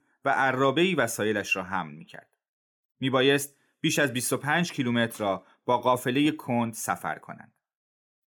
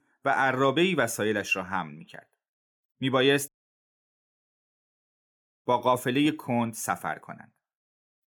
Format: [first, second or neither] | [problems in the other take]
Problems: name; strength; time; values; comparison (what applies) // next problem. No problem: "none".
first | audio cutting out; at 3.5 s for 2 s